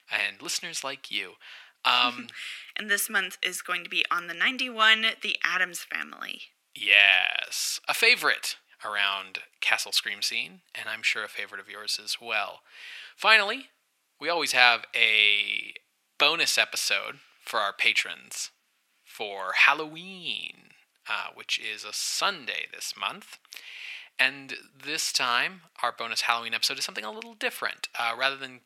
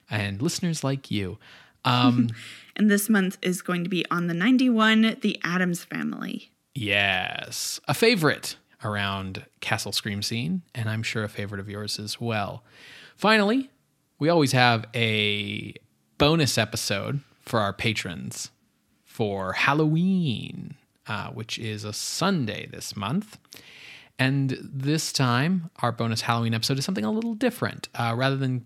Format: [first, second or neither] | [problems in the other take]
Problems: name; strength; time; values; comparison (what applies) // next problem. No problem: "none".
second | thin; very; fading below 800 Hz